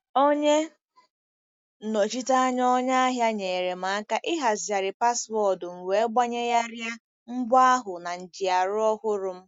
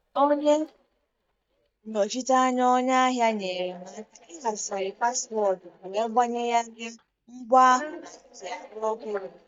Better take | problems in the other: first | noise reduction (neural mask model DeepFilterNet 3)

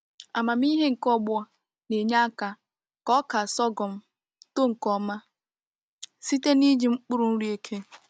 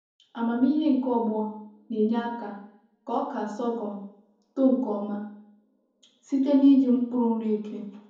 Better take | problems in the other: first | room echo; dies away in 0.7 s

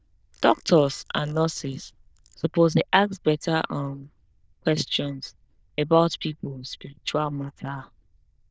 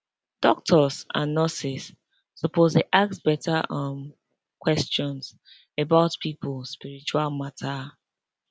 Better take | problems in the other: second | noise reduction (neural diffusion model UNIVERSE++)

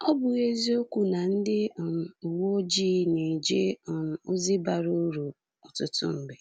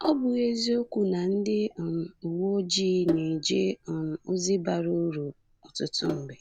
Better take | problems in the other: first | background sound (Sink (filling or washing)); 14 dB below the speech

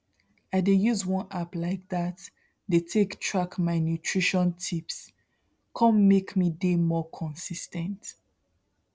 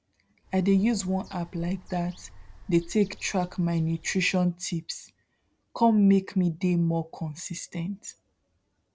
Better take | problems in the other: first | background sound (Bird); 19 dB below the speech

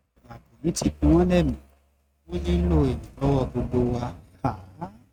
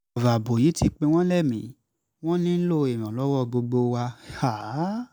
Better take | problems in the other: second | noise reduction (neural mask model RNNoise)

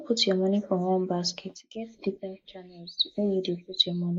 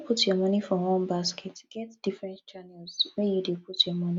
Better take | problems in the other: second | noise reduction (neural mask model Resemble Enhance denoiser)

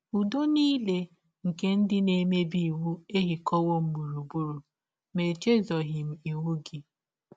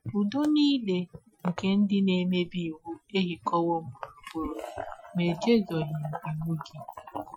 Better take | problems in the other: first | noise reduction (classical method Wiener filter)

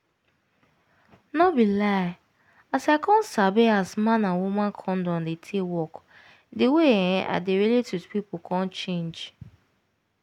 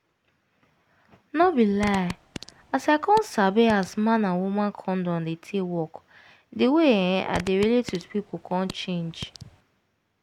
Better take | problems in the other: first | background sound (Fart); 16 dB below the speech

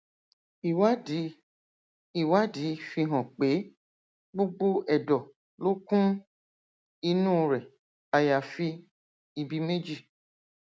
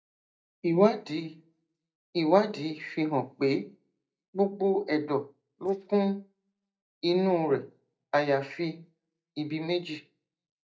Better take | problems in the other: first | noise reduction (neural mask model DeepFilterNet 3)

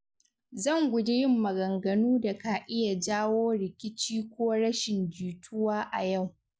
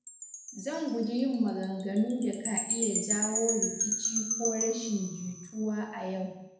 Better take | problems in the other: first | background sound (Wind chime); 2 dB below the speech // room echo; dies away in 0.8 s

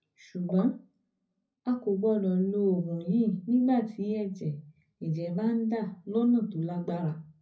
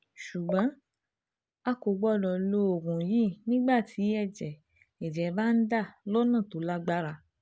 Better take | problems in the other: second | room echo; dies away in 0.4 s

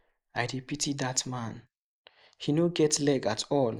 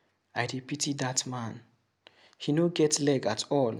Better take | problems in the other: second | noise reduction (neural mask model Resemble Enhance denoiser)

